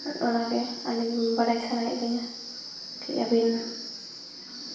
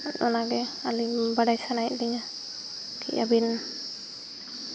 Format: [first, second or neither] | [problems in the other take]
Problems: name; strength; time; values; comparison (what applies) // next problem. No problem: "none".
second | room echo; dies away in 0.8 s